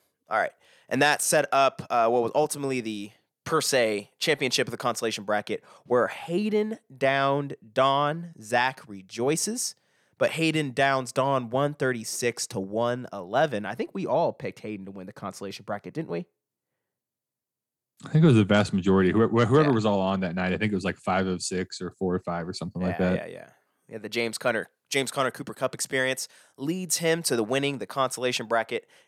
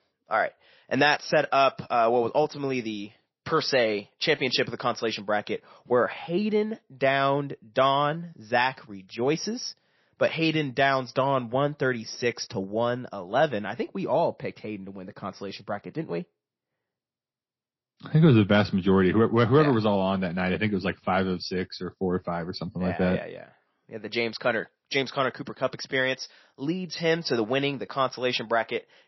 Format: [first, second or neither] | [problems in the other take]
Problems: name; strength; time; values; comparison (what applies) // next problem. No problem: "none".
first | garbled, watery; slightly; nothing above 5.5 kHz